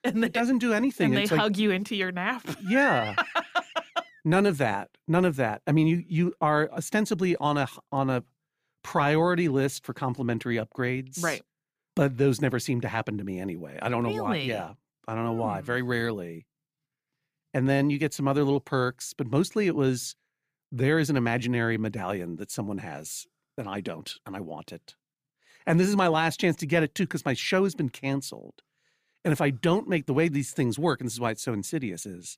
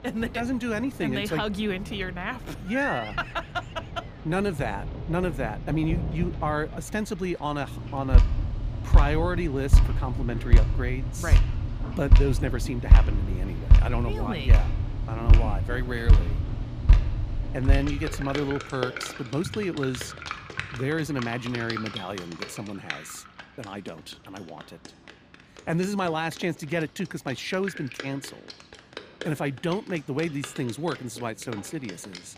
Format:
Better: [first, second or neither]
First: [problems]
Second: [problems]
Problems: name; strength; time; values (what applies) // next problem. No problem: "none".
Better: first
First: none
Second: rain or running water; very loud; throughout; 4 dB above the speech